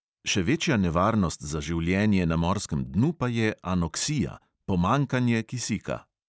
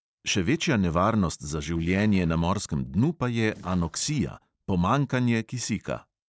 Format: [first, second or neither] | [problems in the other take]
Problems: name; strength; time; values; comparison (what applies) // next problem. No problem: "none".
first | noise reduction (neural separator model SepFormer DNS4)